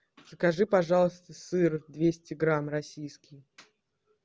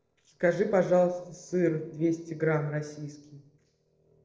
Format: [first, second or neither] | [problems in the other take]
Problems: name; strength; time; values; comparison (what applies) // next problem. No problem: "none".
first | noise reduction (neural separator model SepFormer DNS4)